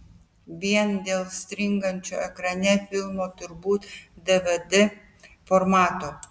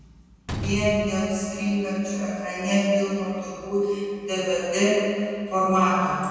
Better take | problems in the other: first | background sound (Slam); 13 dB below the speech // room echo; dies away in 2.1 s

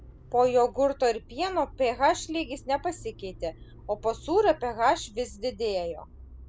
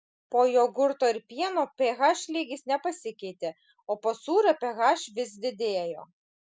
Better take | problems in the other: second | background sound (Motor vehicle (road)); 19 dB below the speech

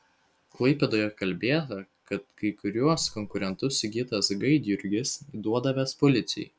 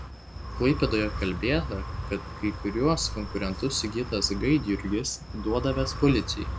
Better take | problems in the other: first | background sound (Wind); 7 dB below the speech

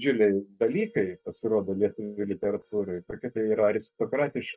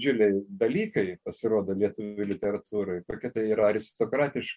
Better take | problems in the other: second | noise reduction (neural mask model DeepFilterNet 3)

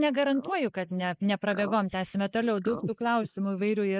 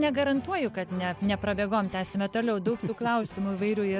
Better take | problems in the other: second | noise reduction (neural mask model Resemble Enhance denoiser)

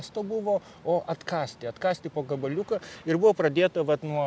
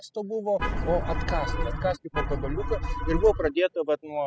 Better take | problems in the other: first | noise reduction (classical method spectral subtraction)

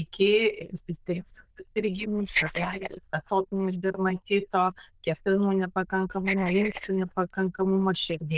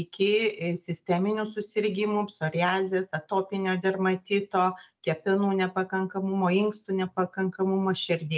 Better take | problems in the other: second | noise reduction (neural diffusion model UNIVERSE++)

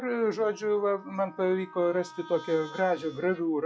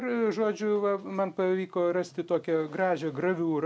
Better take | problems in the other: second | noise reduction (classical method log-MMSE)

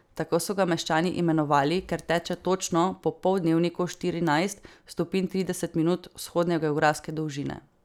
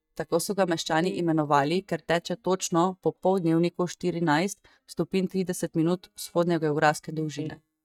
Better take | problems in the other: first | noise reduction (neural mask model DeepFilterNet 3)

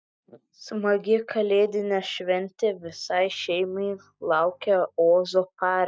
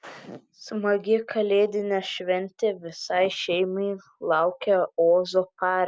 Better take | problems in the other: second | noise reduction (neural mask model DeepFilterNet 3)

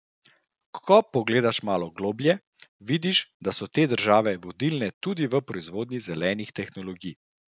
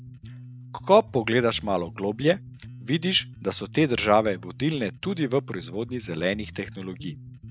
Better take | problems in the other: first | background sound (Bass guitar); 16 dB below the speech

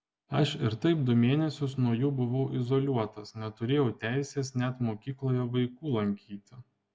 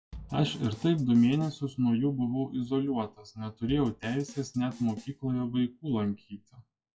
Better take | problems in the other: first | noise reduction (classical method WPE with log-MMSE)

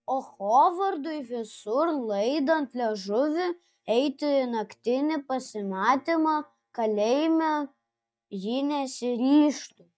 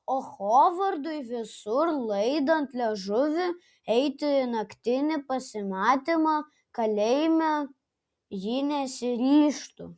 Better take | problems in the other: second | noise reduction (neural mask model DeepFilterNet 3)

